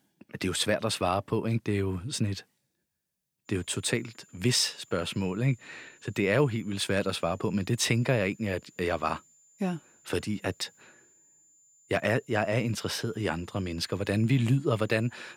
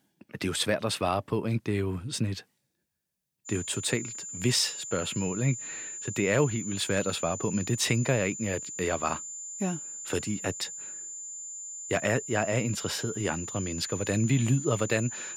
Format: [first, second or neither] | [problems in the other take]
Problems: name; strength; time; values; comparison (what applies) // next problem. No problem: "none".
first | high-pitched whine; loud; from 3.5 s on; 7 kHz, 7 dB below the speech; faint in the first